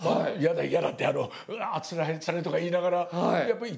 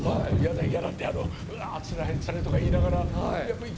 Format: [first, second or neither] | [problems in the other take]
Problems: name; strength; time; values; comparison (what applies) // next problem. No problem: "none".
first | background sound (Thunder / Rain); 3 dB above the speech